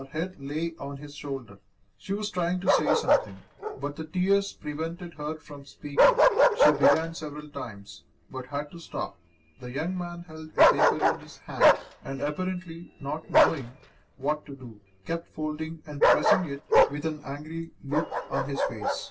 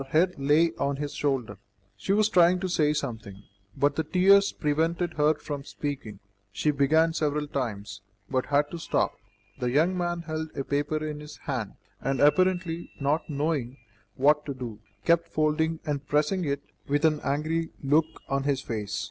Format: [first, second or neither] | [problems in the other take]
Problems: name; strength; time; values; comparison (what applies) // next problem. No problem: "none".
second | background sound (Bark); 4 dB above the speech // room echo; dies away in 0.1 s